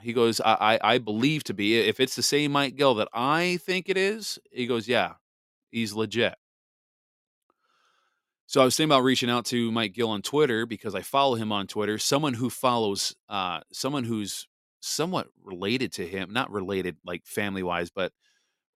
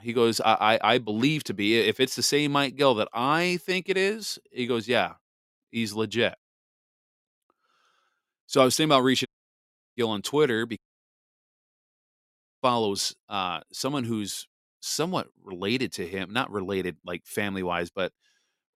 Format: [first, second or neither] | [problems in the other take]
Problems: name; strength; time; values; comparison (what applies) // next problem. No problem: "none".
first | audio cutting out; at 9.5 s for 0.5 s and at 11 s for 2 s